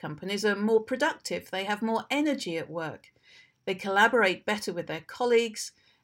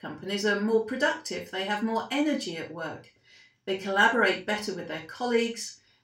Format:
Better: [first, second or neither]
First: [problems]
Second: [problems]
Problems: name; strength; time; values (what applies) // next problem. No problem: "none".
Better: first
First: none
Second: room echo; slight; dies away in 0.2 s // off-mic speech; far